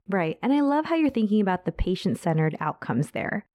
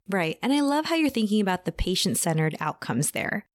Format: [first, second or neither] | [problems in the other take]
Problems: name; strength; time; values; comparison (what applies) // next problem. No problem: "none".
second | muffled; very; fading above 3.5 kHz